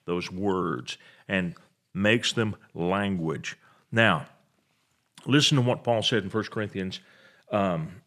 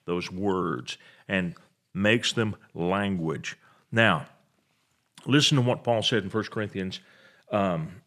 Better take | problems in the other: neither | none

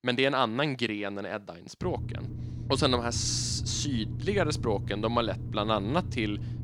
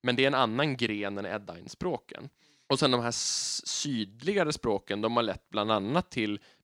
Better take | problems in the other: second | low rumble; noticeable; from 2 s on; 20 dB below the speech

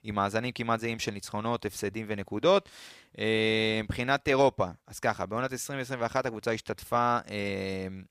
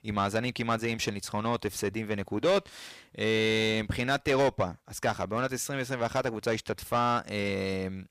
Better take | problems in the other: first | distortion; slight; 10 dB below the speech

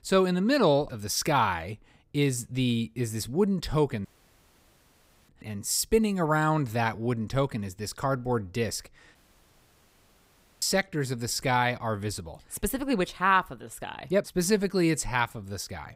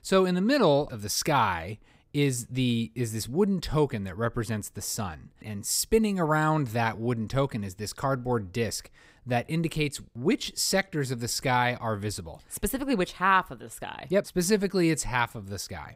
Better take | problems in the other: second | audio cutting out; at 4 s for 1 s and at 9 s for 1.5 s

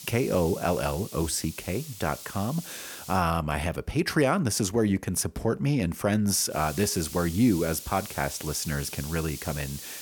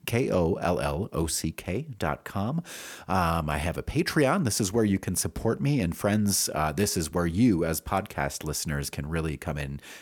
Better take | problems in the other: second | hiss; noticeable; until 3 s and from 6.5 s on; 10 dB below the speech

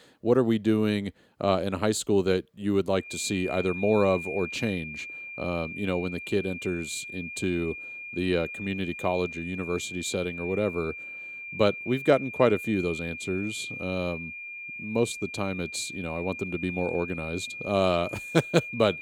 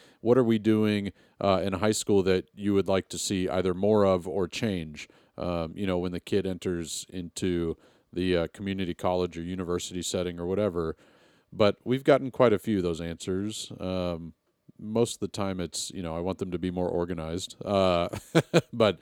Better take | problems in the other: second | high-pitched whine; loud; from 3 s on; 2.5 kHz, 8 dB below the speech

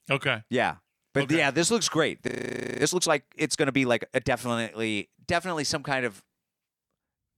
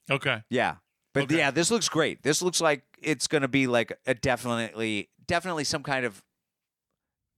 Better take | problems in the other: second | audio freezing; at 2.5 s for 0.5 s

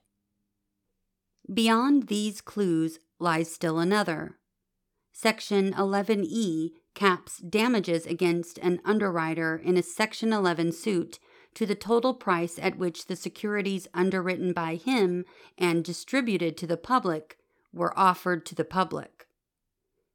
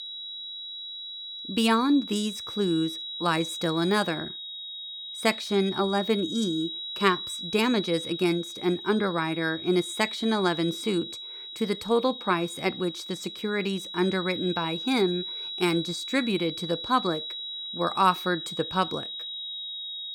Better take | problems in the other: first | high-pitched whine; loud; throughout; 4 kHz, 7 dB below the speech

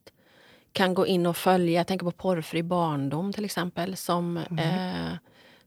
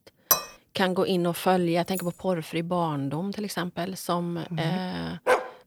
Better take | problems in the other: first | clattering dishes; loud; at 0.5 s; peak 4 dB above the speech // jangling keys; faint; at 2 s; peak 10 dB below the speech // dog barking; loud; at 5.5 s; peak 3 dB above the speech

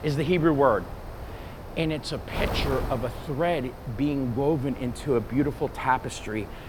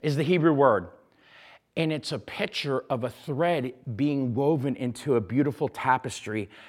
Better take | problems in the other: second | wind noise on the microphone; occasional gusts; 10 dB below the speech

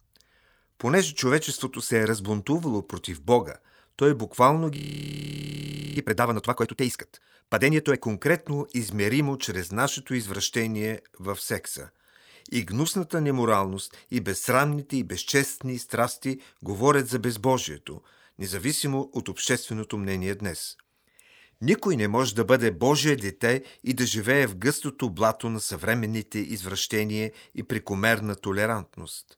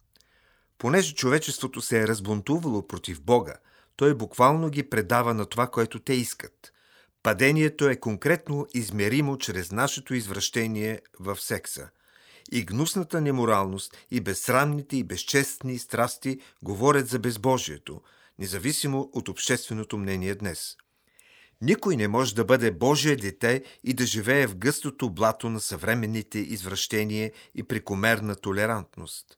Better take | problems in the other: second | audio freezing; at 5 s for 1 s

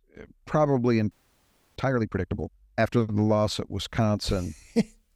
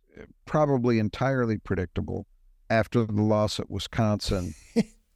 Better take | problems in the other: second | audio freezing; at 1 s for 0.5 s

